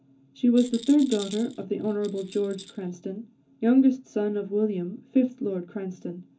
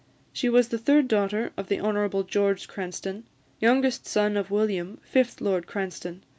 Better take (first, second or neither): second